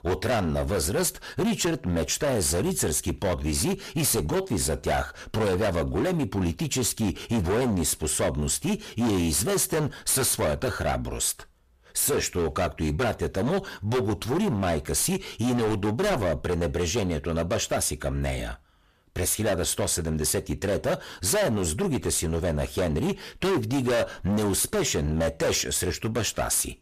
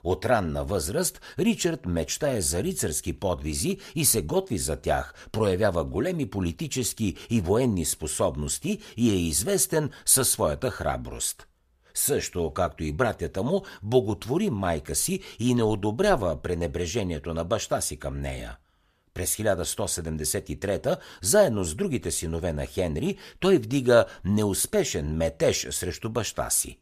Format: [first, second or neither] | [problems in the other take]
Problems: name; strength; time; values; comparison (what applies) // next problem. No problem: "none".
second | distortion; heavy; 20% of the sound clipped